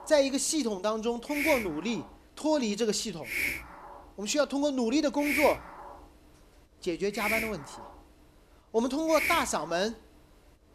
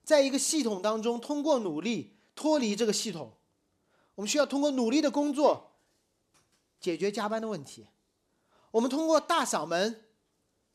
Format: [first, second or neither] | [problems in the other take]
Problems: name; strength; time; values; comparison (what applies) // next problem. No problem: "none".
second | hiss; loud; throughout; 3 dB below the speech